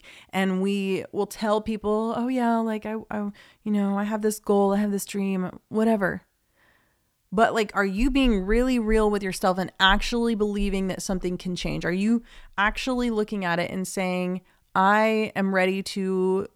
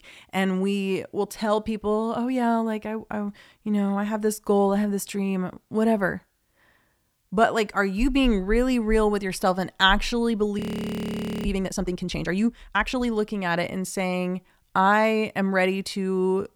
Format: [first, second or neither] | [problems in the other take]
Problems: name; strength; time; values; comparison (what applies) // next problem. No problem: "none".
first | audio freezing; at 11 s for 1 s